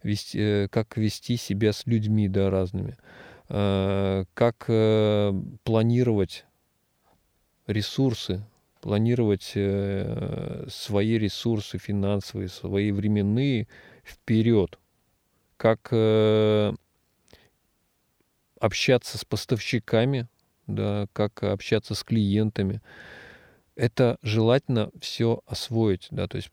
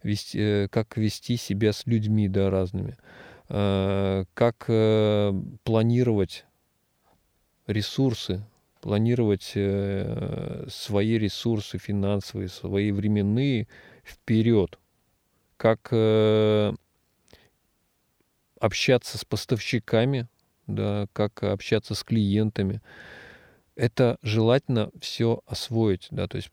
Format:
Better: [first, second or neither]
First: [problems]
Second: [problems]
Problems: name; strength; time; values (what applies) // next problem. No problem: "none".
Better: neither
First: none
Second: none